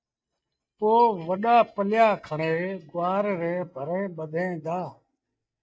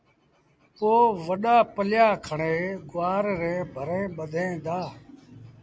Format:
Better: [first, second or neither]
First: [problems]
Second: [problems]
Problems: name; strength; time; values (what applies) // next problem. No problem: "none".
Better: second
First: noise reduction (neural mask model DeepFilterNet 3)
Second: none